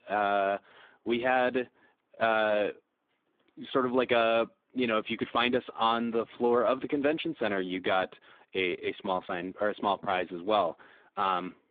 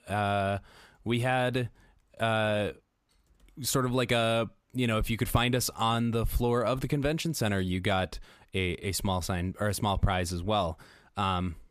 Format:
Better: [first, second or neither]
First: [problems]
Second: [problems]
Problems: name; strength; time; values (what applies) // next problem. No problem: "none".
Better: second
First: phone-call audio; poor line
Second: none